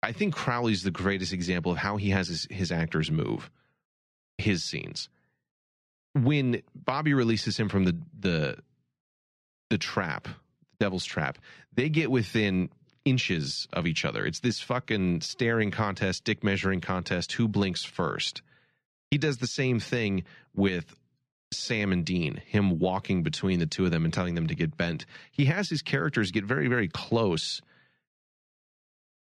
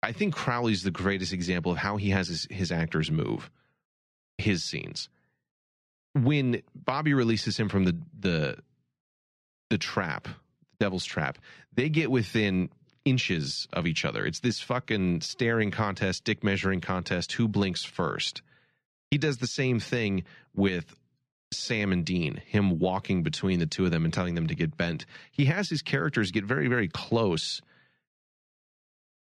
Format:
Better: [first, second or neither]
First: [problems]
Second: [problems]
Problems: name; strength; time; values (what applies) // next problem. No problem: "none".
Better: neither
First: muffled; very slightly; fading above 3 kHz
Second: muffled; very slightly; fading above 3 kHz